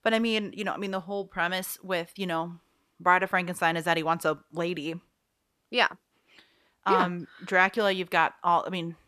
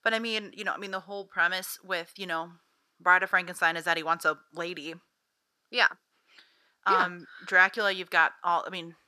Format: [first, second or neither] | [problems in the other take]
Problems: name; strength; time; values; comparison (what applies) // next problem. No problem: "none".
first | thin; somewhat; fading below 400 Hz